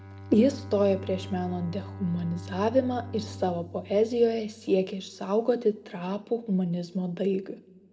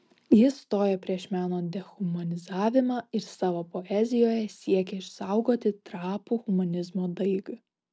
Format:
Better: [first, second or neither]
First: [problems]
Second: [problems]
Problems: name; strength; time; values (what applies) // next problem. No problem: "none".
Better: second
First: background sound (Bowed string instrument); 15 dB below the speech // room echo; dies away in 0.7 s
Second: none